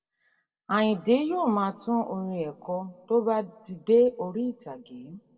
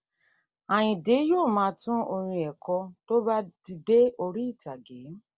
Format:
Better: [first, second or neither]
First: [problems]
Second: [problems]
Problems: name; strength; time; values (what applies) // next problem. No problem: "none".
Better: second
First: room echo; dies away in 1.5 s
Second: none